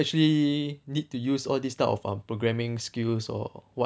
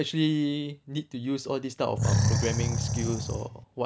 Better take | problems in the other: first | background sound (Animal); 2 dB above the speech

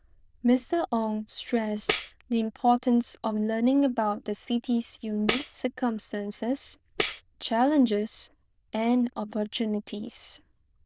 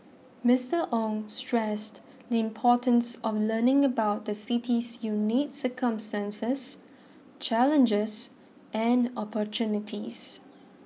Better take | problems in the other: second | noise reduction (neural diffusion model UNIVERSE++)

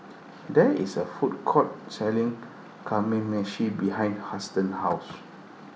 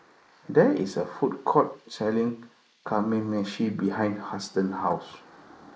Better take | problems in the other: first | noise reduction (neural mask model Resemble Enhance denoiser)

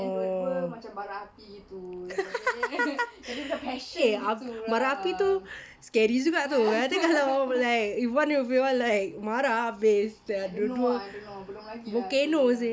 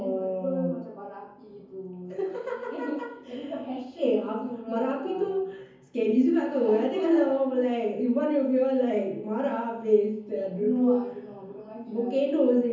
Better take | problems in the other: first | room echo; dies away in 0.7 s

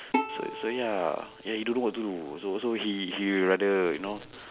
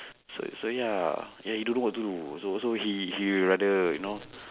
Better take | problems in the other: second | background sound (Bowed string instrument); 7 dB below the speech

